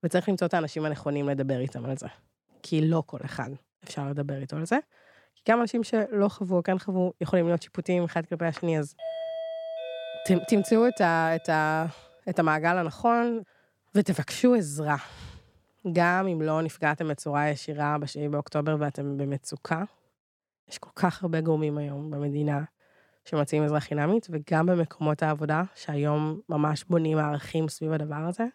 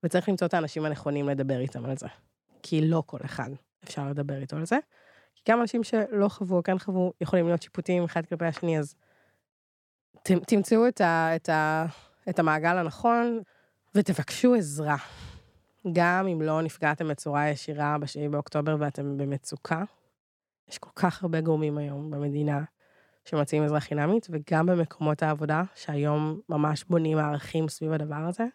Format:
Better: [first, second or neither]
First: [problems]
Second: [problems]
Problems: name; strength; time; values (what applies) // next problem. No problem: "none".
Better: second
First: doorbell; noticeable; from 9 to 11 s; peak 6 dB below the speech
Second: none